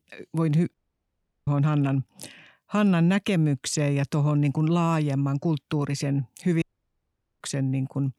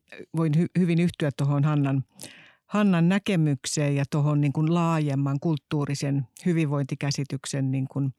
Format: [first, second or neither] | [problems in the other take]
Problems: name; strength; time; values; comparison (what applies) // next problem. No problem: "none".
second | audio cutting out; at 0.5 s for 0.5 s and at 6.5 s for 1 s